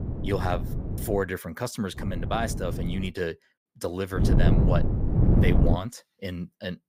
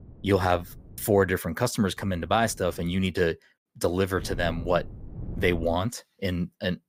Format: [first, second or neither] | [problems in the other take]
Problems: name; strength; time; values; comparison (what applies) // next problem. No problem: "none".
second | wind noise on the microphone; heavy; until 1 s, from 2 to 3 s and from 4 to 6 s; 3 dB below the speech; occasional gusts in the second